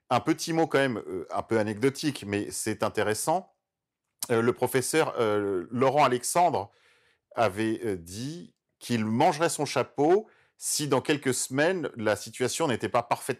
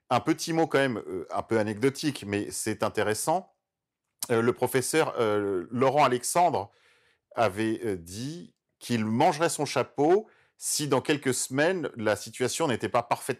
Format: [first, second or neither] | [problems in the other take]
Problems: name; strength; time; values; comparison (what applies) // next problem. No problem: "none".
neither | none